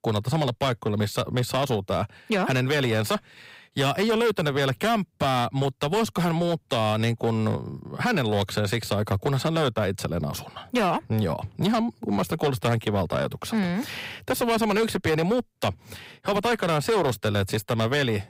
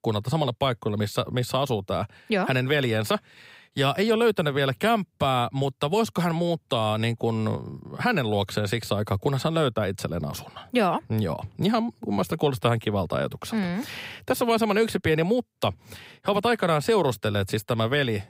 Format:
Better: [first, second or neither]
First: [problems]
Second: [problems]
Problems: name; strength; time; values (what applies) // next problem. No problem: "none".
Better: second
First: distortion; slight; 10% of the sound clipped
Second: none